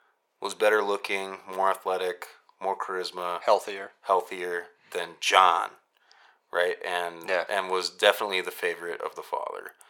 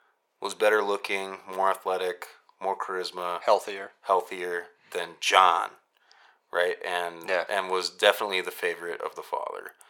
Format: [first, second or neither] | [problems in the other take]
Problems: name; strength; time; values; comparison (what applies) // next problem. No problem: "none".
neither | thin; very; fading below 500 Hz; the same in both